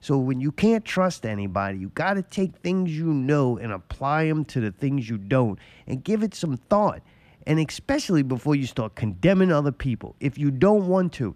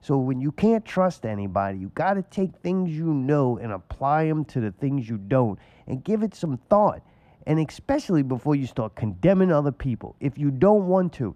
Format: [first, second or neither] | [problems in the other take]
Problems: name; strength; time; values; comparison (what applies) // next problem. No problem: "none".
first | muffled; slightly; fading above 1.5 kHz